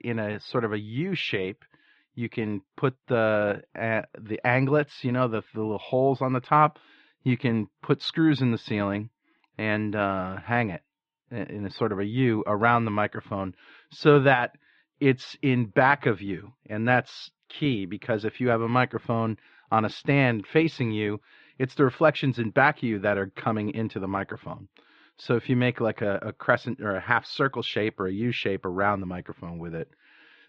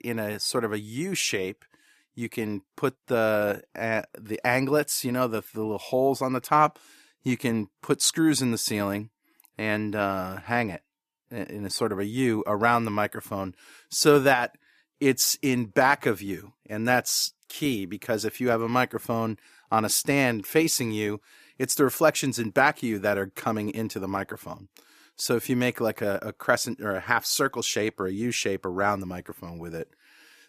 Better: second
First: muffled; very; fading above 3.5 kHz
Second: none

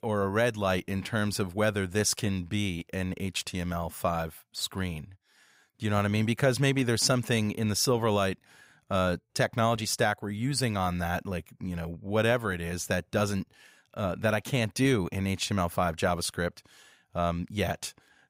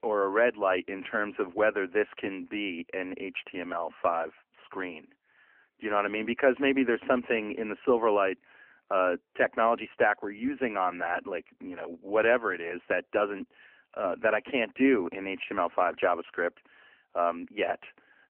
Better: first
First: none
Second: phone-call audio; nothing above 3 kHz

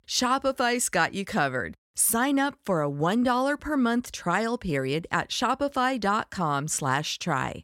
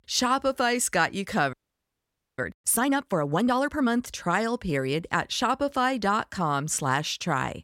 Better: first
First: none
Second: audio freezing; at 1.5 s for 1 s

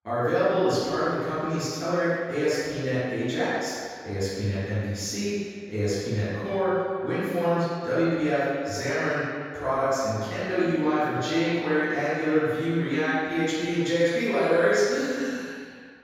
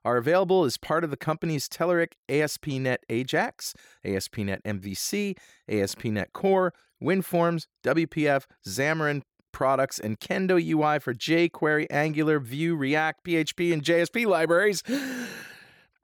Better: second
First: room echo; strong; dies away in 1.8 s // off-mic speech; far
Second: none

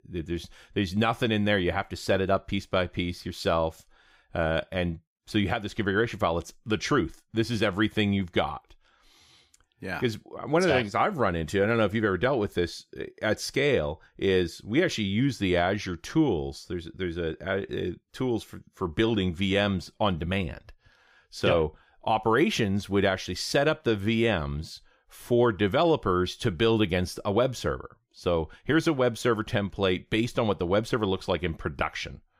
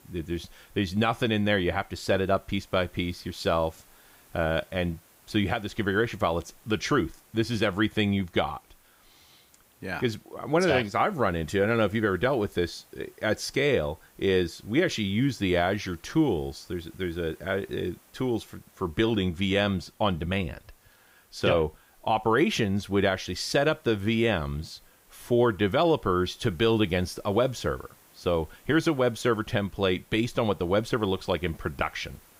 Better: first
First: none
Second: hiss; faint; throughout; 30 dB below the speech

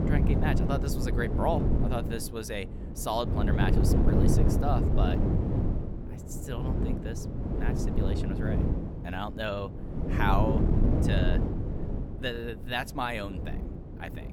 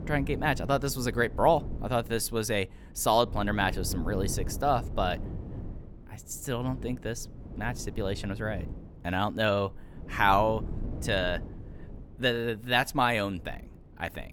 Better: second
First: wind noise on the microphone; heavy; 2 dB below the speech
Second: wind noise on the microphone; occasional gusts; 20 dB below the speech

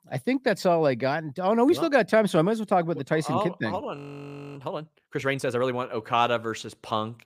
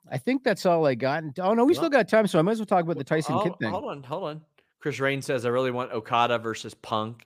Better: second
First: audio freezing; at 4 s for 0.5 s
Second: none

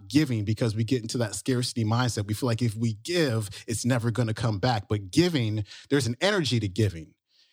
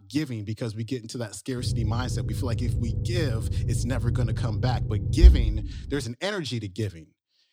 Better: first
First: none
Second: low rumble; loud; from 1.5 to 6 s; 7 dB below the speech

